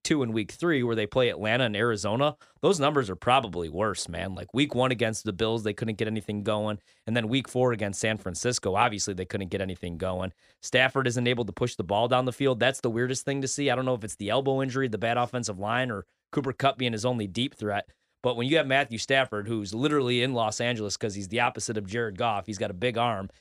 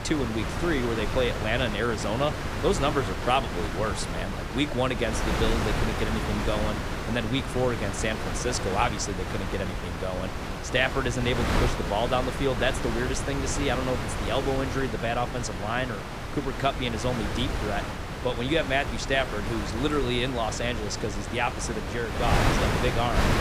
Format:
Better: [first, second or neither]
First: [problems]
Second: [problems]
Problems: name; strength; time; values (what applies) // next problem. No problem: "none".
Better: first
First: none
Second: wind noise on the microphone; heavy; 3 dB below the speech